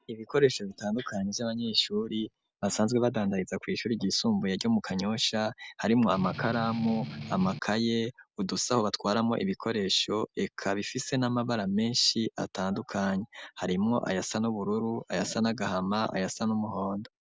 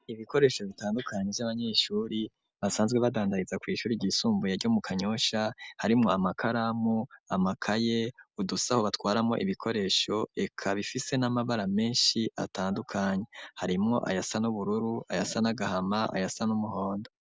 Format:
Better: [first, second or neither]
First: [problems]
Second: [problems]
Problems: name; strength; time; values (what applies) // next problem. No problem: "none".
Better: second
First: background sound (Strum); 9 dB below the speech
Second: none